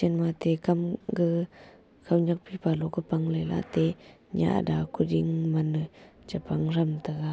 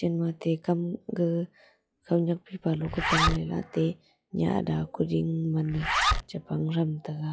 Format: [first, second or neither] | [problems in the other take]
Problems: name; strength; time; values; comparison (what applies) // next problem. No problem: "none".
first | noise reduction (classical method log-MMSE)